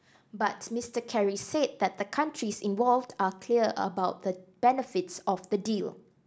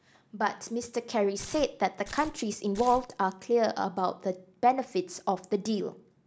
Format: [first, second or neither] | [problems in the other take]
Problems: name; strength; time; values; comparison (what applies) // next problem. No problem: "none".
first | background sound (Tearing); 16 dB below the speech